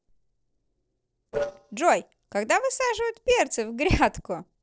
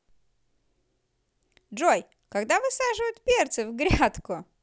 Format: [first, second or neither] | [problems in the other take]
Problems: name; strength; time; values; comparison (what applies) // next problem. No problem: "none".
second | noise reduction (neural separator model SepFormer DNS4)